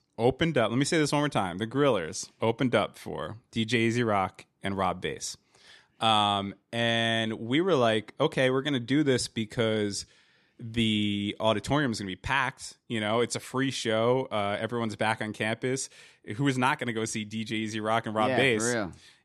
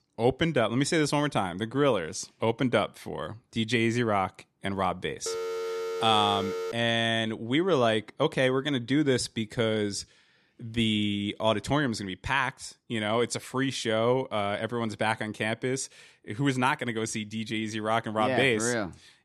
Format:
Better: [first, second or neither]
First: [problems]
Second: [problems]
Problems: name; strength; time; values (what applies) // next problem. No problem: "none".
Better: first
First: none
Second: phone ringing; noticeable; from 5.5 to 6.5 s; peak 5 dB below the speech